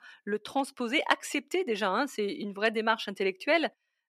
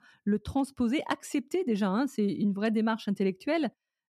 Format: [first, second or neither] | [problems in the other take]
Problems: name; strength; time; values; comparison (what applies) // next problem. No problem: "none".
second | thin; somewhat; fading below 450 Hz